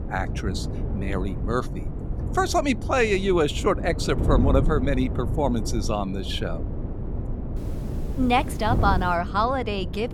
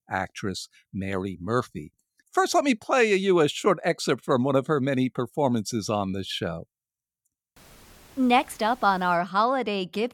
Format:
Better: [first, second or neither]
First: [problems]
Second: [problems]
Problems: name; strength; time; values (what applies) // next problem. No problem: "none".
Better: second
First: wind noise on the microphone; occasional gusts; 15 dB below the speech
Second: none